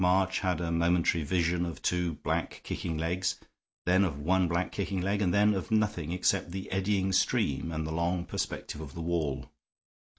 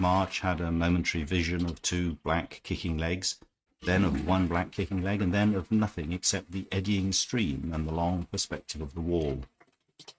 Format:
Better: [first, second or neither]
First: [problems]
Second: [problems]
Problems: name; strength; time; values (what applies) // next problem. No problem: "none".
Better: first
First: none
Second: noise reduction (neural mask model RNNoise)